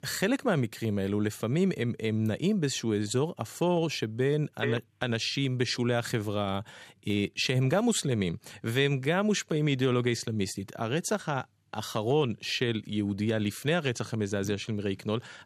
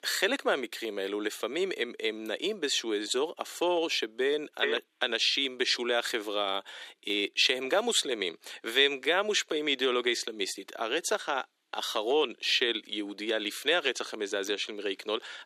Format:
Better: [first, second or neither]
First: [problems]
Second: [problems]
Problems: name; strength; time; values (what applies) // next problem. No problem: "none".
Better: first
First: none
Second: thin; very; fading below 300 Hz